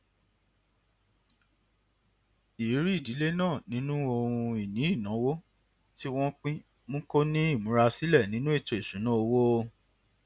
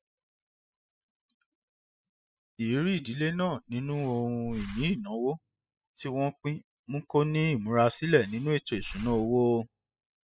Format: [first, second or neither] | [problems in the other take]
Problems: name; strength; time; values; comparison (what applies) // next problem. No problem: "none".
first | noise reduction (classical method spectral subtraction)